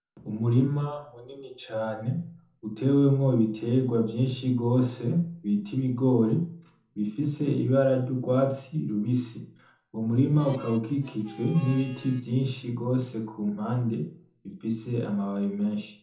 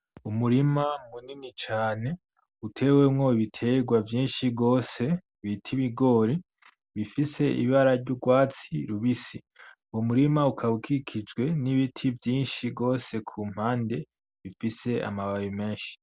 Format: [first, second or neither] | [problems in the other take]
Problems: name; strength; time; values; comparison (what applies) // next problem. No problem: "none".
second | background sound (Harmonica); 19 dB below the speech // room echo; dies away in 0.5 s